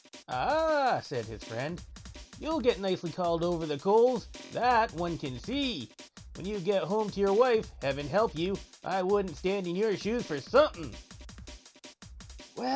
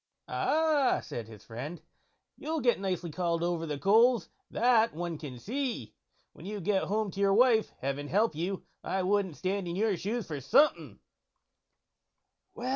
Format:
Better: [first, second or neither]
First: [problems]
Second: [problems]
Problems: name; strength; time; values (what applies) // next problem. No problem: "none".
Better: second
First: background sound (Drum); 18 dB below the speech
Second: none